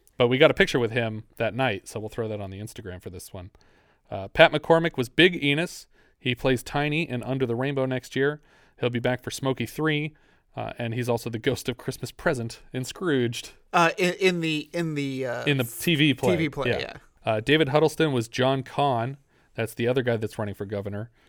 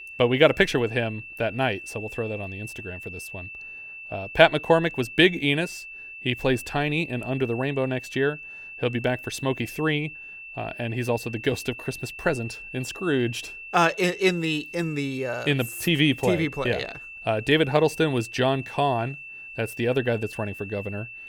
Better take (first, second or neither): first